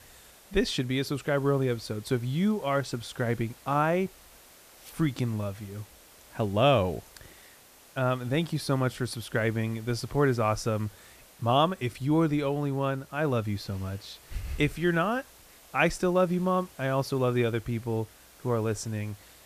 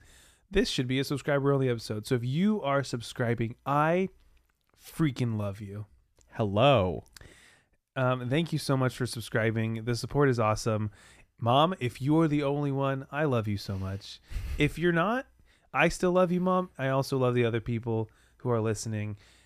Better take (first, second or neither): second